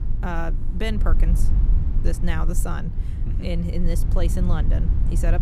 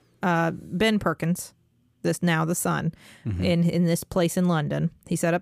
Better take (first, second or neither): second